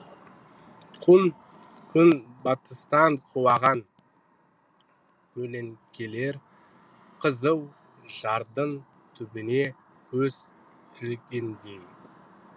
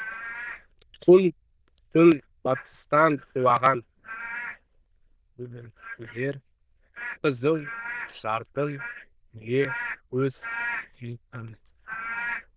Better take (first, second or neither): first